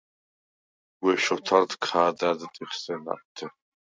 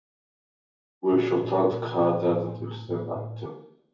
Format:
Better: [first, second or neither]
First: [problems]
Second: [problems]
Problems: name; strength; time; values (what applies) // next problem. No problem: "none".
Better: first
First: none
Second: background sound (Bass guitar); 10 dB below the speech // room echo; dies away in 0.7 s